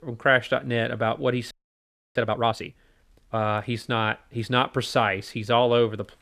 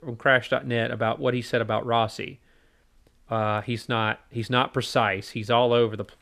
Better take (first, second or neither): second